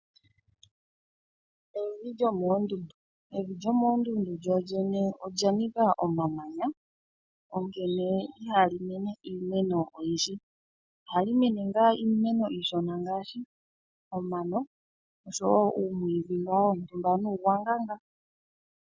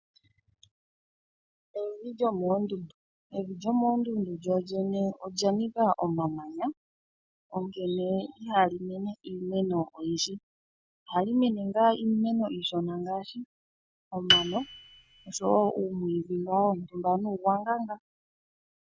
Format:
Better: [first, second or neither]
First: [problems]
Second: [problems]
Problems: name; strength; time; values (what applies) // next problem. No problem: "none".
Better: first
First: none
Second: background sound (Piano); as loud as the speech